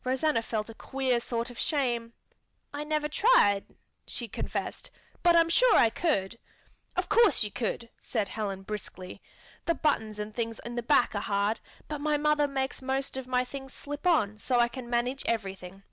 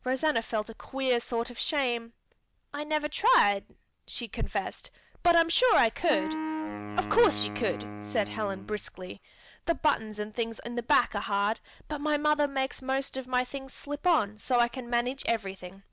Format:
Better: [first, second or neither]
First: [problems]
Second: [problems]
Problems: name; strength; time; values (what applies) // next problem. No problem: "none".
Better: first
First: none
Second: background sound (Wind instrument, woodwind instrument); 7 dB below the speech